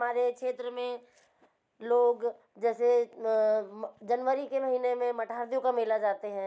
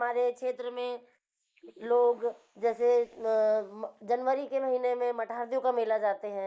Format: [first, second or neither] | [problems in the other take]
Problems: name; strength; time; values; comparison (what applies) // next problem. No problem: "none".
first | noise reduction (neural mask model Resemble Enhance denoiser)